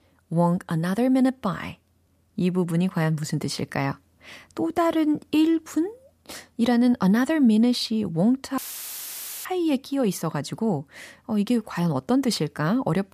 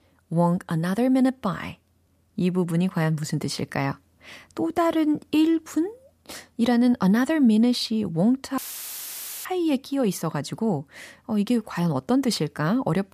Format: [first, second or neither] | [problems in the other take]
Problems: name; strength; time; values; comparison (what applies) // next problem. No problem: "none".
neither | audio cutting out; filled with static; at 8.5 s for 1 s; the same in both